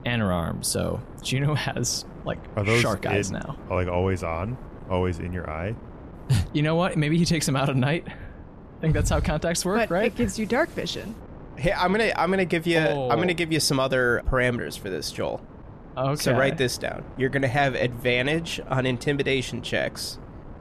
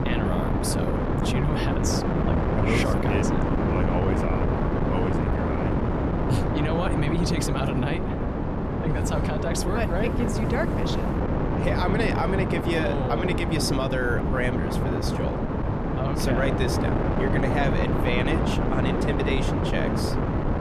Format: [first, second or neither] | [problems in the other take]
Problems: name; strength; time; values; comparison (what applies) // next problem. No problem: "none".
first | wind noise on the microphone; heavy; 1 dB above the speech; occasional gusts in the first